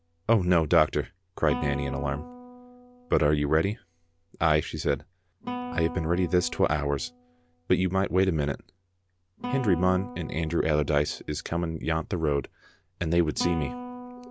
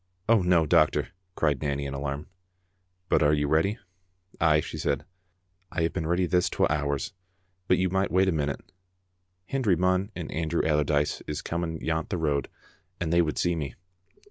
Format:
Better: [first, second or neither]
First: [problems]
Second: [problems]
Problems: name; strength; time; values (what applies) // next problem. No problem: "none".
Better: second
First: background sound (Guitar); 13 dB below the speech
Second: none